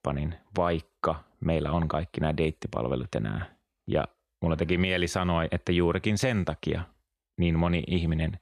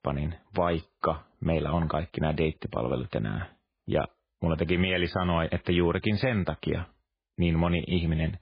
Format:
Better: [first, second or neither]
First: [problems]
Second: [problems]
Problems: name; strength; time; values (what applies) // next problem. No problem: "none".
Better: first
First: none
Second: garbled, watery; badly; nothing above 4.5 kHz